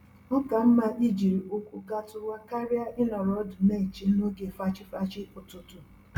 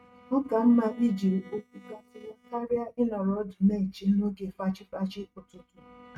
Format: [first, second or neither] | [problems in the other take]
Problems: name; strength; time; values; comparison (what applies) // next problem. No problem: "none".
first | noise reduction (neural mask model RNNoise)